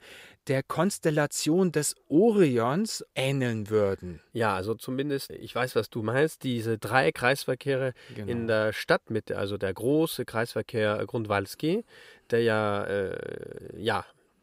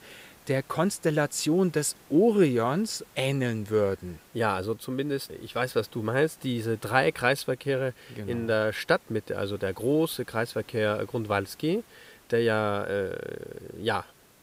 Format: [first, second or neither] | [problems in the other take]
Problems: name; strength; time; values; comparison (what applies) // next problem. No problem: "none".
first | hiss; faint; throughout; 25 dB below the speech